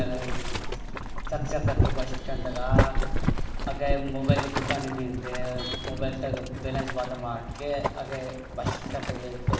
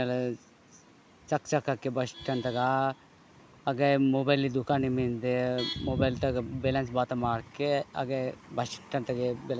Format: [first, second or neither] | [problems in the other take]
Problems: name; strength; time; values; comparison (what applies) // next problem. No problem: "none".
second | background sound (Boiling); 5 dB above the speech // room echo; dies away in 1.1 s